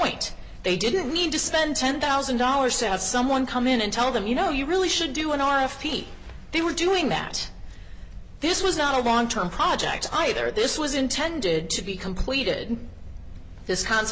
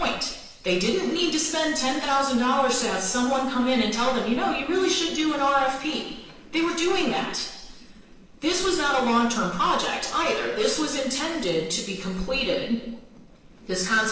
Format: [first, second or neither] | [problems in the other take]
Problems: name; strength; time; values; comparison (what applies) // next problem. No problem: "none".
first | noise reduction (neural separator model SepFormer DNS4)